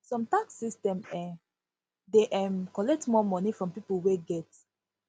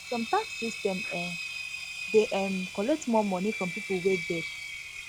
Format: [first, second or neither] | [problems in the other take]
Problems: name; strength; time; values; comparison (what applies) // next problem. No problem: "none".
first | background sound (Engine); 7 dB below the speech